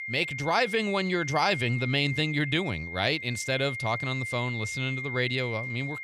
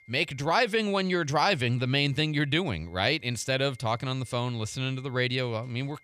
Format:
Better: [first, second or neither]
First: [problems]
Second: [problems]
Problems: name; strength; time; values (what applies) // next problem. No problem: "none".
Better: second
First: high-pitched whine; loud; throughout; 2 kHz, 6 dB below the speech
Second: high-pitched whine; faint; throughout; 2 kHz, 30 dB below the speech